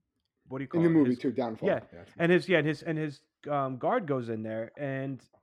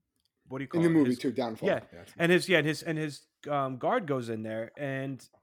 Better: second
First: muffled; very slightly; fading above 2 kHz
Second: none

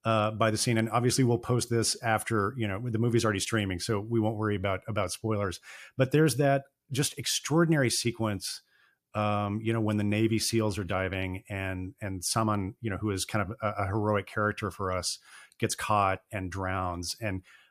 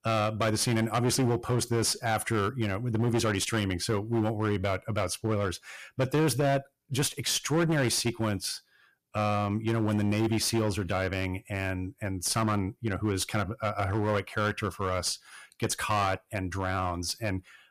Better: first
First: none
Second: distortion; slight; 11% of the sound clipped

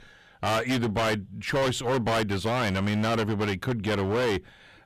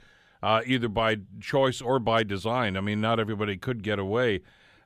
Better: second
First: distortion; heavy; 23% of the sound clipped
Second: none

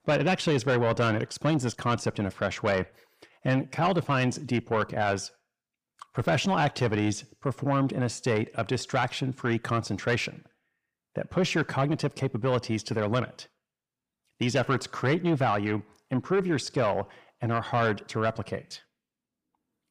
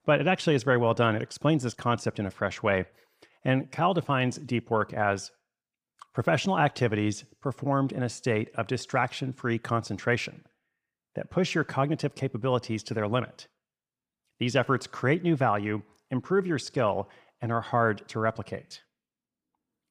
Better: second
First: distortion; slight; 10 dB below the speech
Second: none

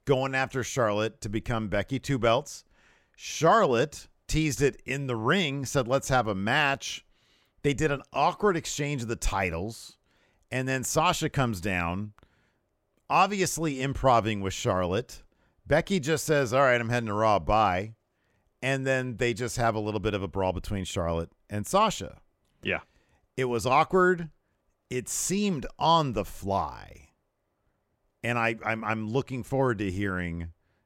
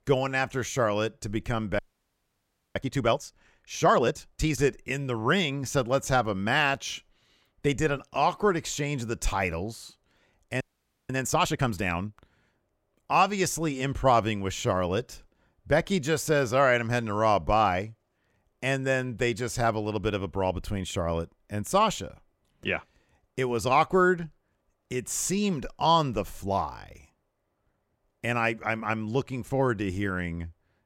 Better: first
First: none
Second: audio freezing; at 2 s for 1 s and at 11 s

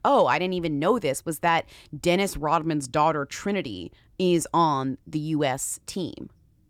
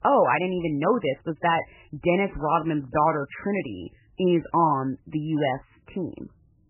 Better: first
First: none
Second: garbled, watery; badly; nothing above 3 kHz

